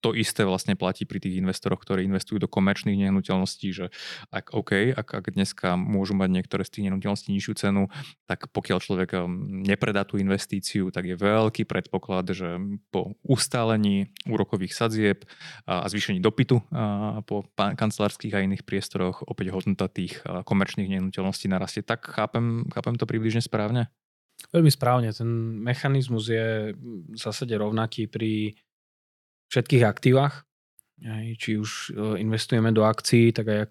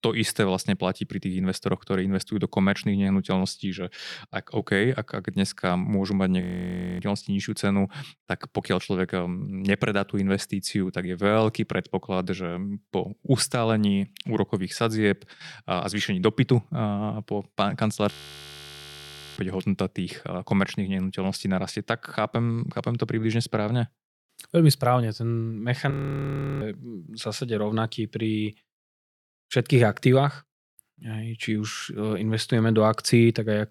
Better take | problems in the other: first | audio freezing; at 6.5 s for 0.5 s, at 18 s for 1.5 s and at 26 s for 0.5 s

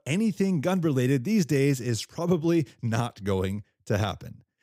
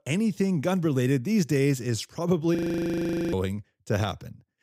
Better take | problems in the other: first | audio freezing; at 2.5 s for 1 s

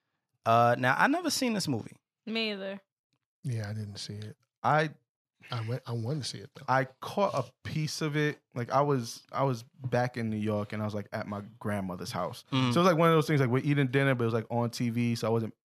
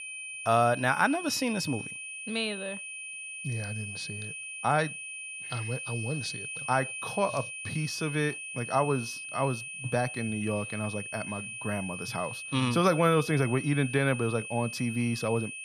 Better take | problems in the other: first | high-pitched whine; loud; throughout; 2.5 kHz, 7 dB below the speech

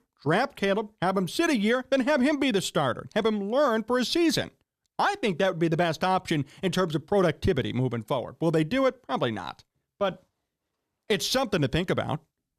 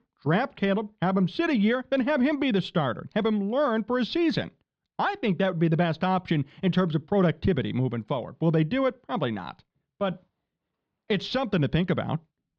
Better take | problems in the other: first | muffled; slightly; fading above 4 kHz

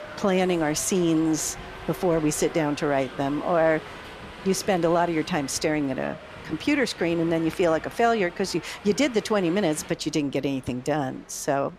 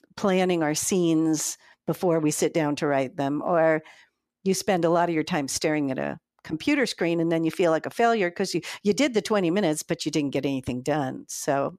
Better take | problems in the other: second | train or aircraft noise; noticeable; throughout; 15 dB below the speech

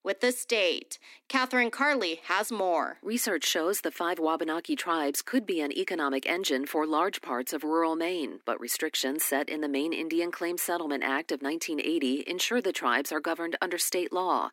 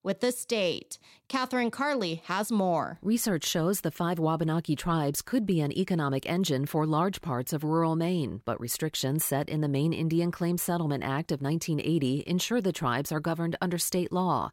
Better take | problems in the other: second | thin; somewhat; fading below 250 Hz

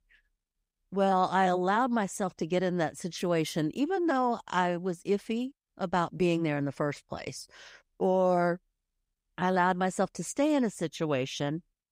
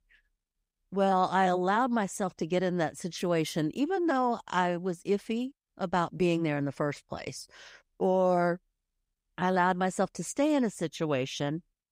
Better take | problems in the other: neither | none

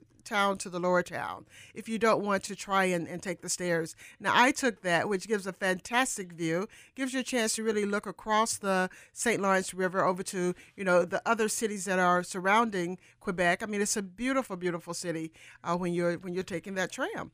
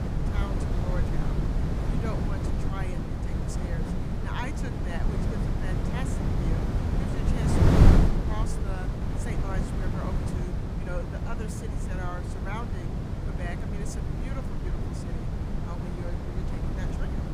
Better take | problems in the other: first | wind noise on the microphone; heavy; 4 dB above the speech

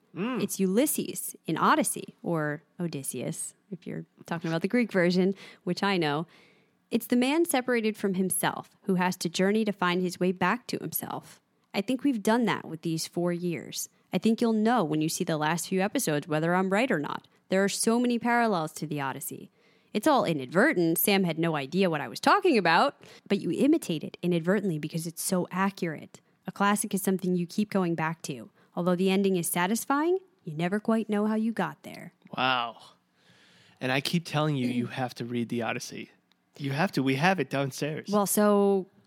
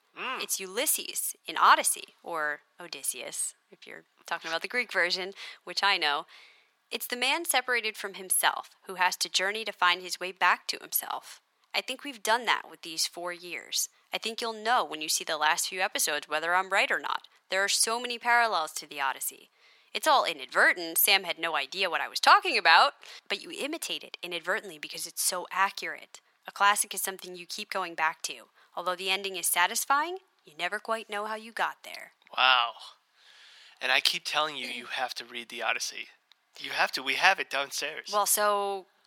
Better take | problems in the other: first | thin; very; fading below 950 Hz

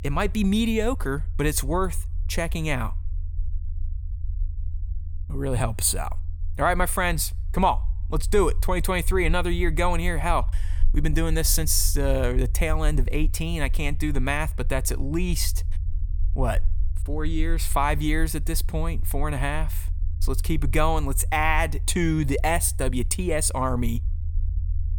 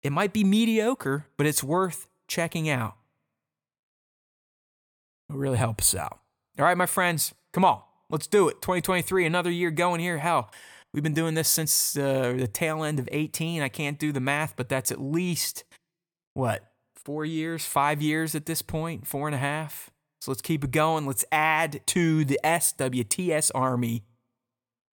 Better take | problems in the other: second | low rumble; faint; throughout; 25 dB below the speech

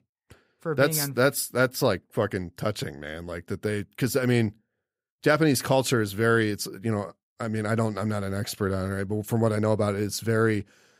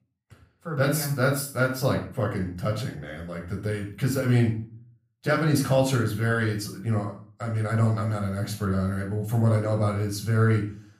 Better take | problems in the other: first | off-mic speech; far // room echo; slight; dies away in 0.4 s

